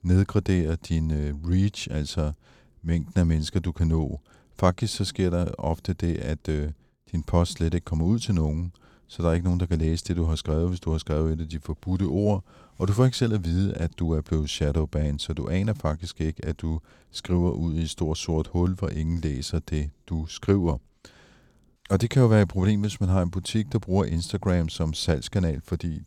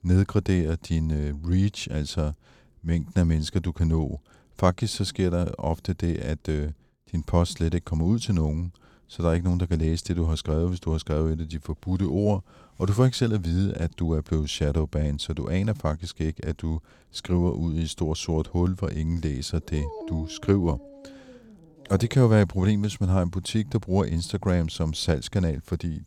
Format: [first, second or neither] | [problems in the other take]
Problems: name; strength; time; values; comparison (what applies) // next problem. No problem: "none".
first | dog barking; faint; from 20 to 22 s; peak 10 dB below the speech